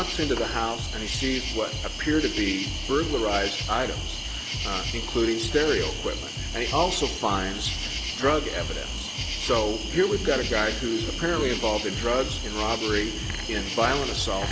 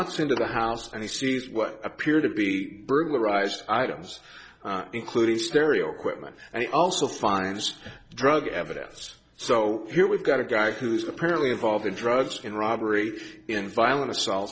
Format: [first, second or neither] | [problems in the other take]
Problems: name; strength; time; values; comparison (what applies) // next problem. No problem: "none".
second | background sound (Bass drum + Cricket); 3 dB below the speech